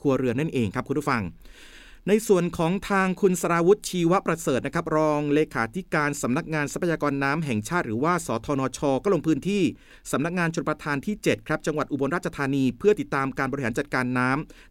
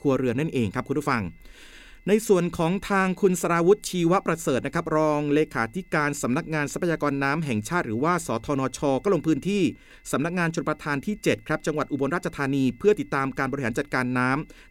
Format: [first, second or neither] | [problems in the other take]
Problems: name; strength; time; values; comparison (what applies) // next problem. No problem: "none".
first | high-pitched whine; faint; throughout; 2 kHz, 35 dB below the speech